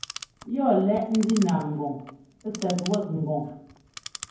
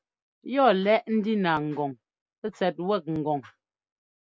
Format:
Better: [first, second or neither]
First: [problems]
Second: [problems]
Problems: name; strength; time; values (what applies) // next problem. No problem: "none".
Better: second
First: background sound (Clock); 15 dB below the speech // room echo; dies away in 0.9 s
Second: none